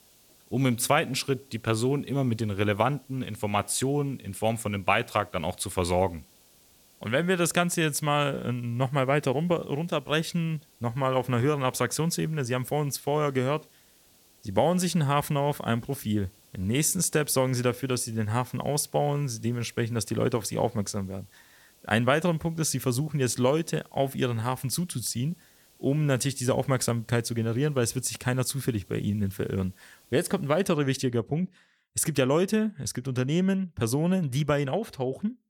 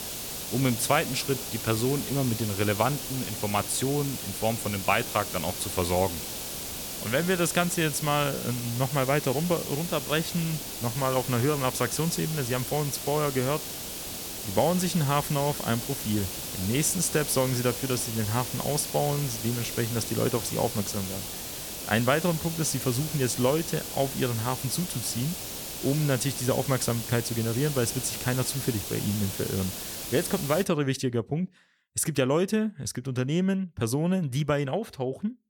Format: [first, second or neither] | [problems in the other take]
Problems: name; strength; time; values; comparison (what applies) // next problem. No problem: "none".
first | hiss; loud; until 31 s; 5 dB below the speech; faint in the first